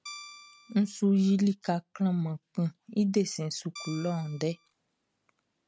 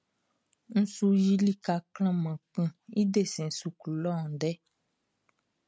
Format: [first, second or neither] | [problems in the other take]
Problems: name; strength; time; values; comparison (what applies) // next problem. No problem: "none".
second | background sound (Guitar); 17 dB below the speech